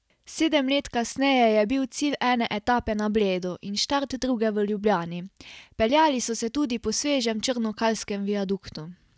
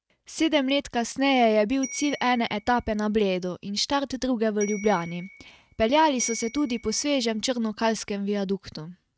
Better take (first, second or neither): first